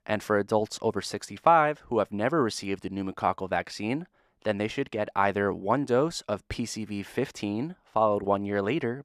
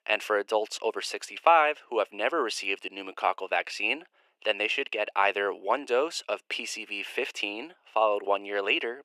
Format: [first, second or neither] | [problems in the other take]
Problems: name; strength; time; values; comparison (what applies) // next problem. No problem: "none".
first | thin; very; fading below 400 Hz